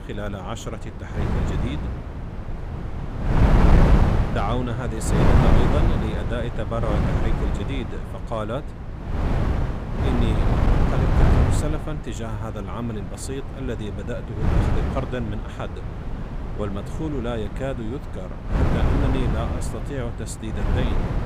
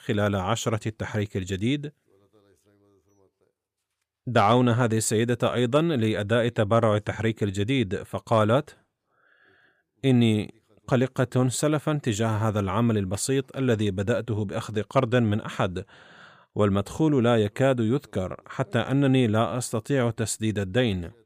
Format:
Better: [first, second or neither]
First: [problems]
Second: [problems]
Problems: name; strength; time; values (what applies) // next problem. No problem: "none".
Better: second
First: wind noise on the microphone; heavy; 2 dB above the speech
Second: none